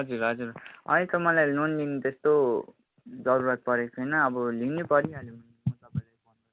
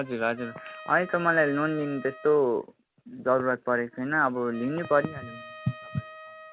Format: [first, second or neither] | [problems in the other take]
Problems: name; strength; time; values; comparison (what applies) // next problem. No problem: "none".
first | background sound (Trumpet); 18 dB below the speech